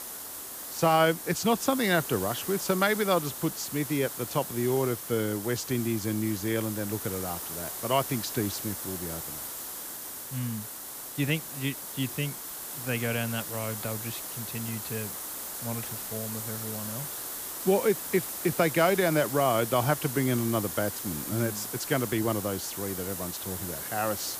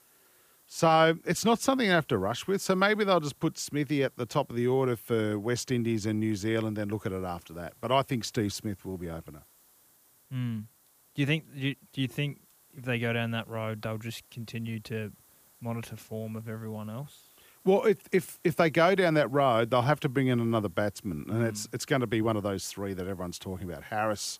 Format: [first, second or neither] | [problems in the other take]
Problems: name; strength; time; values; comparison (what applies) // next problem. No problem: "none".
second | hiss; loud; throughout; 6 dB below the speech; faint in the second